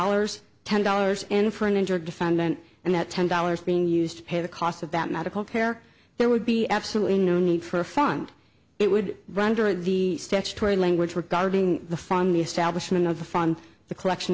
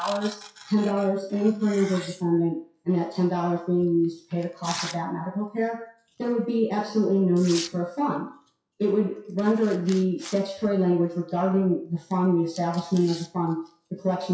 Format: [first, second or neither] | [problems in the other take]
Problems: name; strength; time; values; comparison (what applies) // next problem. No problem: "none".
first | noise reduction (classical method WPE with log-MMSE)